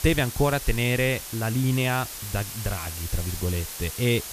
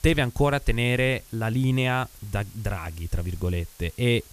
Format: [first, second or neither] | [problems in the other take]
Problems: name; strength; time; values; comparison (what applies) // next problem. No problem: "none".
second | hiss; loud; throughout; 8 dB below the speech; faint in the second